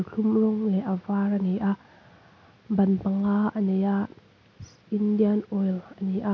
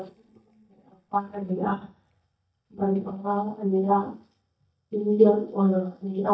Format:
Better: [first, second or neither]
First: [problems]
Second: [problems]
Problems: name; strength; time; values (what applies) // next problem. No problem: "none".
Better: first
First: none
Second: noise reduction (neural mask model DeepFilterNet 3)